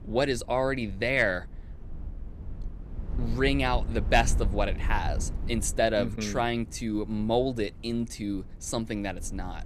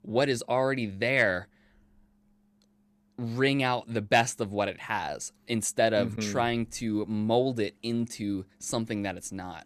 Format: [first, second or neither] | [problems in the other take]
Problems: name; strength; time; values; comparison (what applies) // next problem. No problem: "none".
second | low rumble; faint; throughout; 20 dB below the speech